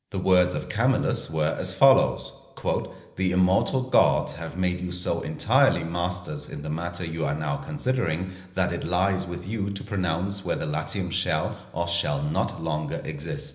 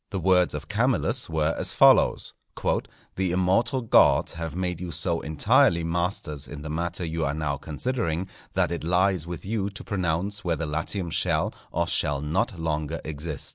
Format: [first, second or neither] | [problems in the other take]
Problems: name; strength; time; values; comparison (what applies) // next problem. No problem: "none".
second | room echo; dies away in 0.8 s